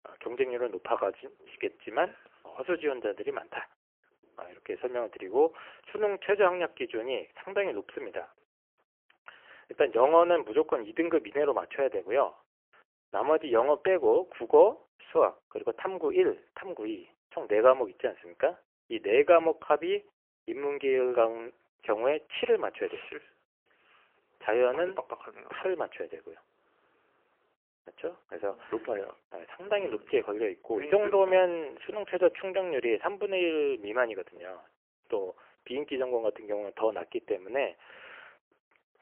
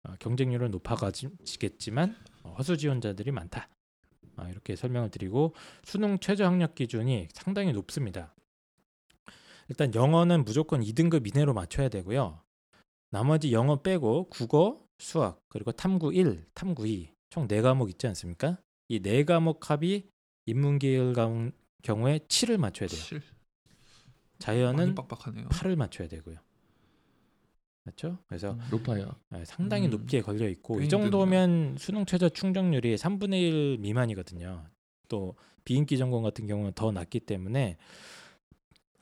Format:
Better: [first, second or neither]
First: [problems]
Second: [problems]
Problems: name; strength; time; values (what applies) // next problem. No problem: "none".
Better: second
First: phone-call audio; poor line; nothing above 3 kHz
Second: none